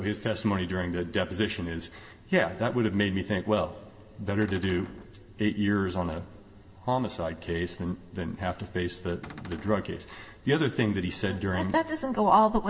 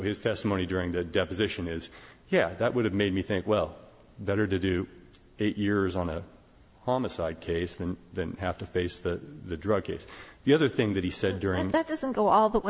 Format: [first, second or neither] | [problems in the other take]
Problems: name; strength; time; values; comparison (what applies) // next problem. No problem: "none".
second | background sound (Cupboard open or close); 17 dB below the speech // room echo; dies away in 2 s